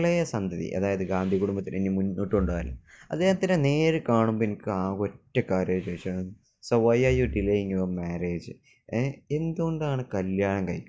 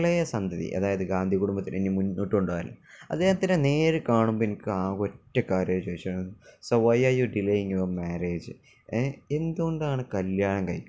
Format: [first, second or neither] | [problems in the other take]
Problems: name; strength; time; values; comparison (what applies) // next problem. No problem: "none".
second | noise reduction (neural mask model DeepFilterNet 3)